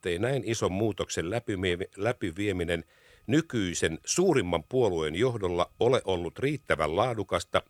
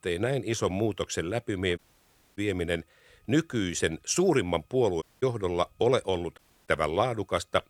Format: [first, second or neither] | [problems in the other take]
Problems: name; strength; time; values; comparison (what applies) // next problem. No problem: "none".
first | audio cutting out; at 2 s for 0.5 s, at 5 s and at 6.5 s